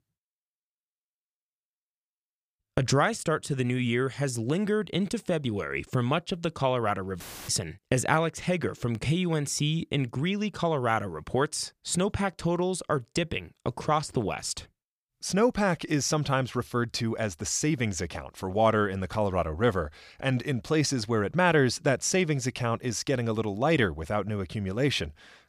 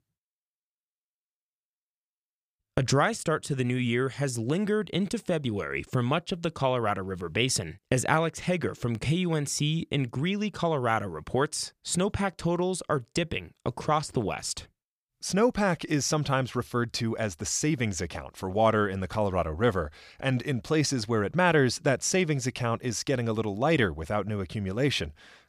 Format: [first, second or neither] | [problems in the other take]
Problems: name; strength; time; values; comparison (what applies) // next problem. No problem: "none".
second | audio cutting out; filled with static; at 7 s